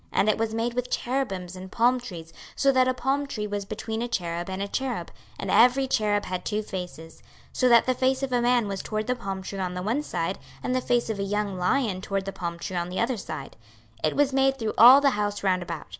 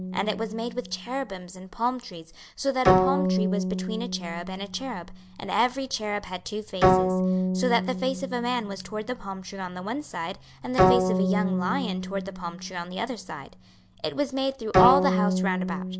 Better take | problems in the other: first | background sound (Bowed string instrument); 2 dB above the speech

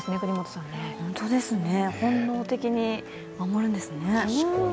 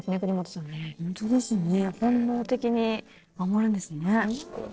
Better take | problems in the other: first | noise reduction (neural separator model SepFormer DNS4)

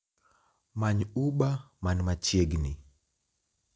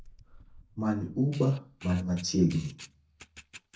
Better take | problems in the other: first | noise reduction (neural mask model DeepFilterNet 3)

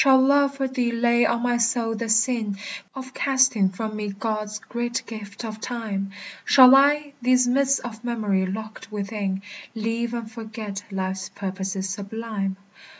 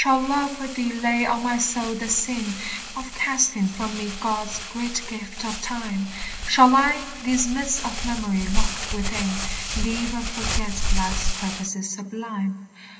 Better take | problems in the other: first | background sound (Crumpling, crinkling); 3 dB below the speech // room echo; dies away in 2.5 s

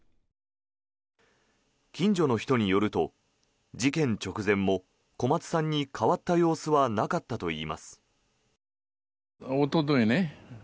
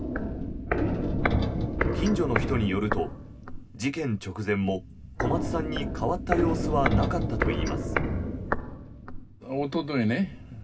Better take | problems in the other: first | background sound (Walk, footsteps); 1 dB above the speech // room echo; dies away in 0.4 s

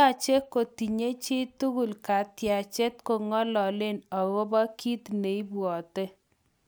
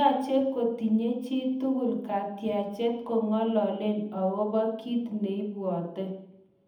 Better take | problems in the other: first | room echo; dies away in 0.8 s

